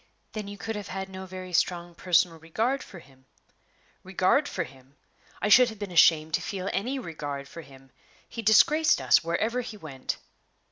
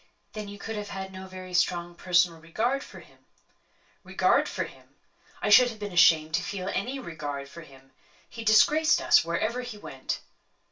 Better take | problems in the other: first | room echo; dies away in 0.2 s

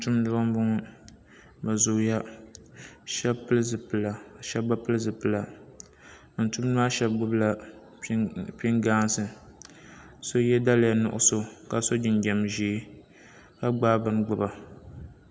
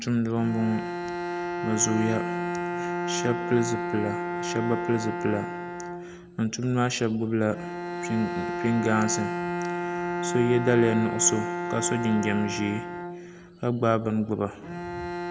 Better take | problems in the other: first | background sound (Bowed string instrument); 4 dB below the speech

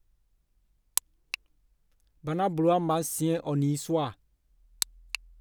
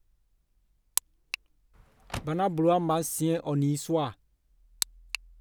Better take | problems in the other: first | background sound (Car); 14 dB below the speech

